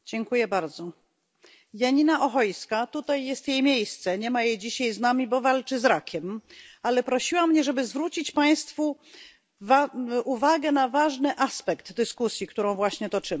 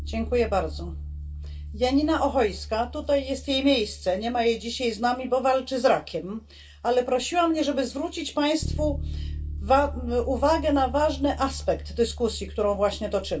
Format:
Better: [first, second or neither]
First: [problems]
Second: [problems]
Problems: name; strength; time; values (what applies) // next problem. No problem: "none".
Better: first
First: none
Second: background sound (Bass guitar); 10 dB below the speech // room echo; dies away in 0.2 s